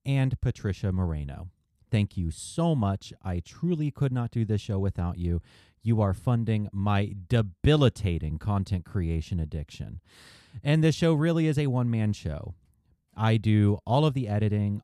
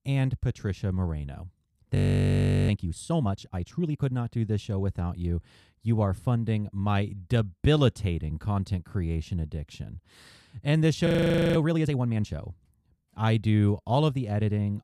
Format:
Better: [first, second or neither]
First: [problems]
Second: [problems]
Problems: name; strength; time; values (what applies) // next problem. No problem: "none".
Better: first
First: none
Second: audio freezing; at 2 s for 0.5 s and at 11 s